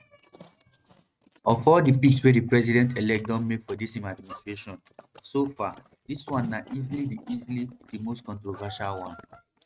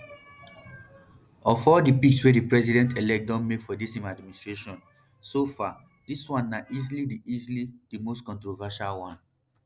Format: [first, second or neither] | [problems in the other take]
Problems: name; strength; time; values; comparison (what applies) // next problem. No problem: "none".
second | noise reduction (neural mask model RNNoise)